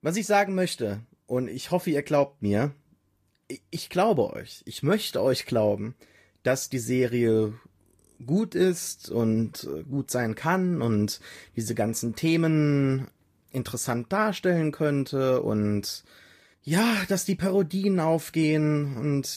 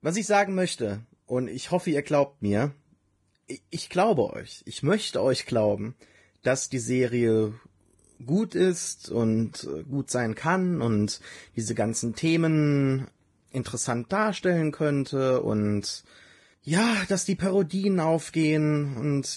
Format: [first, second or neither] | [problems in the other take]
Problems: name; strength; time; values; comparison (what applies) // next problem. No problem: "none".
first | garbled, watery; badly; nothing above 10.5 kHz; slightly in the first